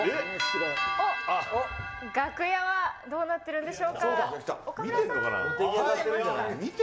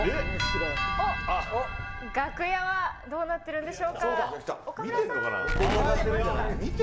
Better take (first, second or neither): first